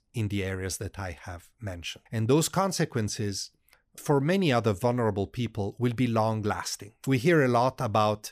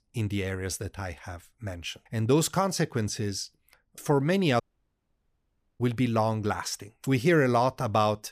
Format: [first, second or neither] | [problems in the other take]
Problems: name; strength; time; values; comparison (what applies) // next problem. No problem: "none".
first | audio cutting out; at 4.5 s for 1 s